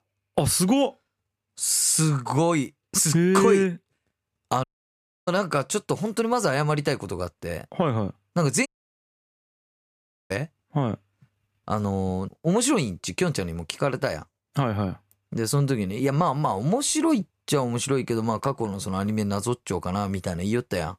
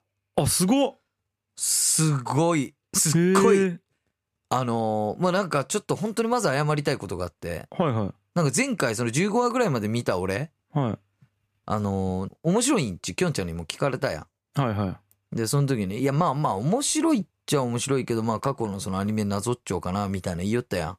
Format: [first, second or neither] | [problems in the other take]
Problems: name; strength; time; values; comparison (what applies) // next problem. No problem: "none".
second | audio cutting out; at 4.5 s for 0.5 s and at 8.5 s for 1.5 s